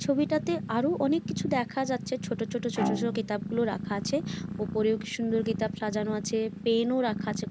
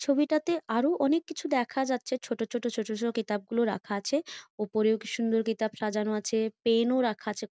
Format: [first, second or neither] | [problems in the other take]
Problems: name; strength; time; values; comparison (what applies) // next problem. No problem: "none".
second | background sound (Bowed string instrument + Purr); 6 dB below the speech